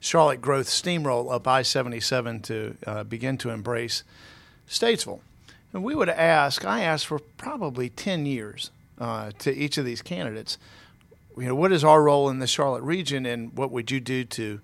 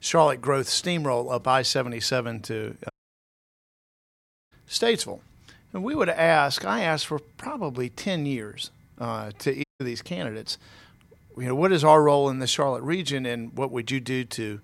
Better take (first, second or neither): first